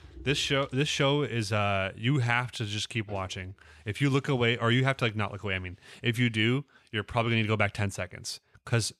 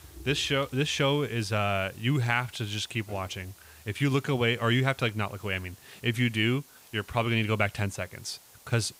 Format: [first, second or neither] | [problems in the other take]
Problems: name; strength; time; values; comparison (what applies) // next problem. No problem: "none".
first | hiss; faint; throughout; 25 dB below the speech